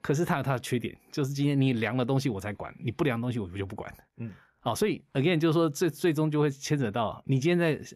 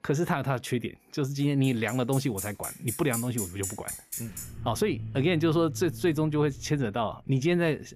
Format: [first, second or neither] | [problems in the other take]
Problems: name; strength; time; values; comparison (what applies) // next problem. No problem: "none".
first | traffic noise; loud; from 2 s on; 10 dB below the speech